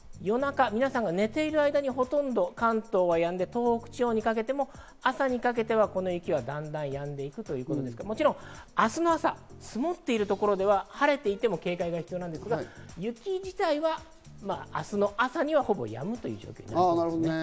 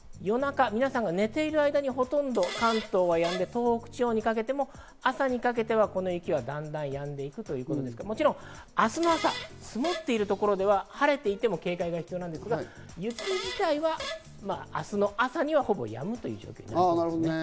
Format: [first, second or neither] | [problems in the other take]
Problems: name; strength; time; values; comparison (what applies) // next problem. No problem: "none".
first | background sound (Fart); 10 dB below the speech